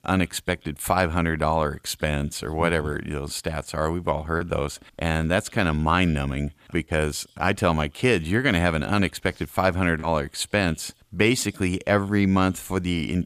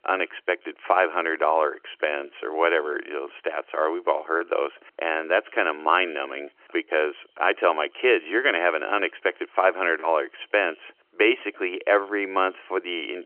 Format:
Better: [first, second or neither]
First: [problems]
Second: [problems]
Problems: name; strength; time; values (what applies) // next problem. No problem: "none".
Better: first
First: none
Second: phone-call audio; nothing above 3 kHz